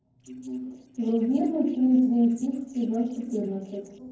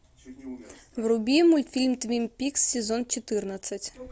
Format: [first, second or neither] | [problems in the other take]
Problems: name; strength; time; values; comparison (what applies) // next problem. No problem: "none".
second | noise reduction (neural separator model SepFormer DNS4)